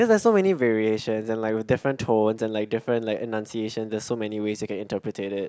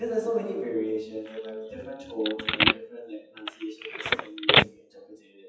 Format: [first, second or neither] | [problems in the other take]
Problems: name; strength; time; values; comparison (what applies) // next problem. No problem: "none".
first | noise reduction (classical method WPE with log-MMSE)